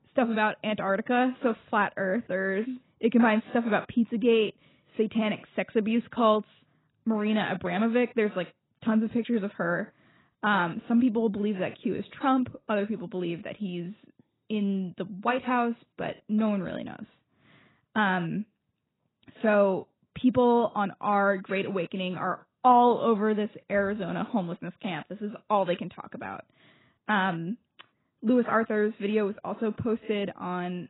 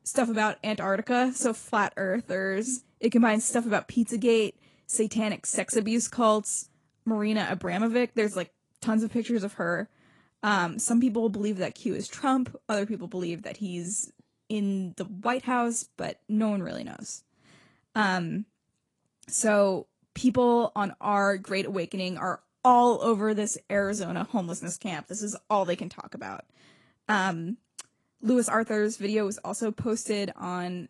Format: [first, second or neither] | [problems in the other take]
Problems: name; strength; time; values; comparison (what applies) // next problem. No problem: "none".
second | garbled, watery; badly; nothing above 4 kHz; slightly in the second